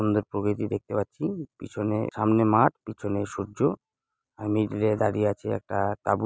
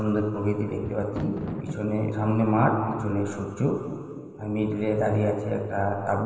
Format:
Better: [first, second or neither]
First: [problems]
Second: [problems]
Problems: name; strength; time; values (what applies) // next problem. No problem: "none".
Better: first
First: none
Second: background sound (Thunder); 16 dB below the speech // room echo; dies away in 2.5 s